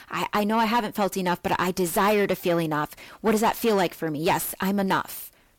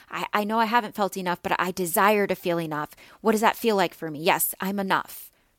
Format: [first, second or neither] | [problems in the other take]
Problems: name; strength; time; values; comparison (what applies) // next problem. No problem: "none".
second | distortion; heavy; 7 dB below the speech